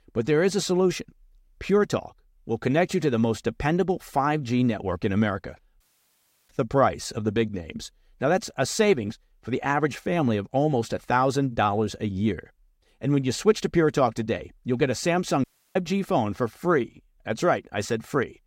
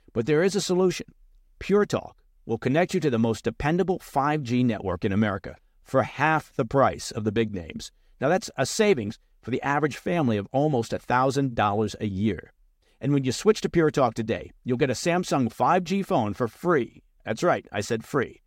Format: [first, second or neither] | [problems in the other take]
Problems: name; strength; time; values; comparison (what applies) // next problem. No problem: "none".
second | audio cutting out; at 6 s for 0.5 s and at 15 s